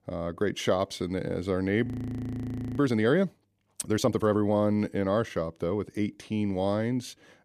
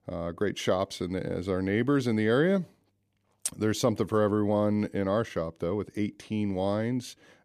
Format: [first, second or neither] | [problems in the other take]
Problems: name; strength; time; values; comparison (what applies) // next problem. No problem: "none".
second | audio freezing; at 2 s for 1 s